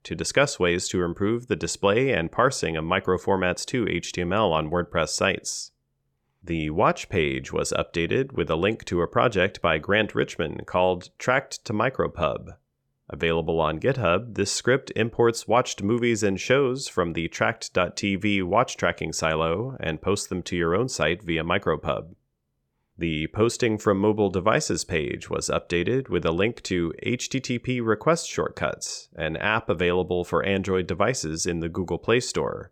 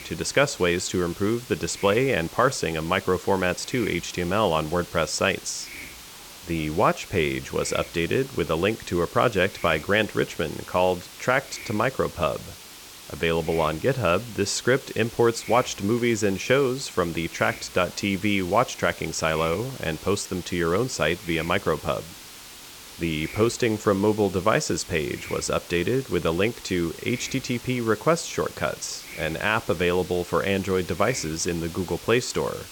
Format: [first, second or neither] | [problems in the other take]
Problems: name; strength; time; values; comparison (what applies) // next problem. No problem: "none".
first | hiss; noticeable; throughout; 15 dB below the speech